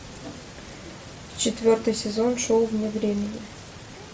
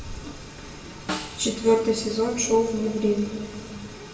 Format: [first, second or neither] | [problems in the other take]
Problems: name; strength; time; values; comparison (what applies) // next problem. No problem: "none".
first | background sound (Snare drum); 14 dB below the speech // room echo; dies away in 1.9 s